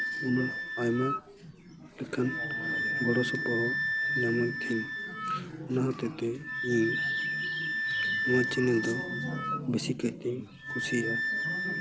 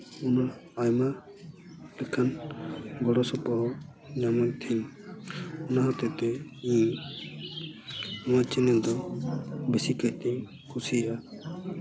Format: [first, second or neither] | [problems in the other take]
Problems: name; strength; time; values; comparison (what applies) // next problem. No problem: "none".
second | background sound (Wind instrument, woodwind instrument); 1 dB below the speech